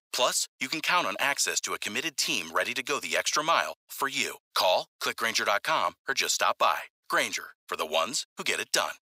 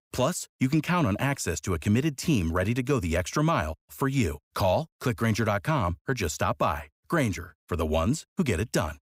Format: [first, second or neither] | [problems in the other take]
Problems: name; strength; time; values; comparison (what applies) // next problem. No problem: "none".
second | thin; very; fading below 750 Hz